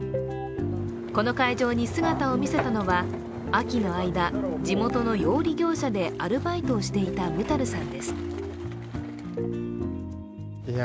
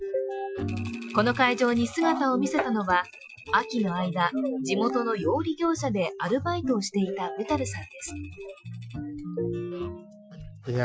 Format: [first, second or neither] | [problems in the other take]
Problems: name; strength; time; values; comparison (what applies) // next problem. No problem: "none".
first | noise reduction (classical method Wiener filter)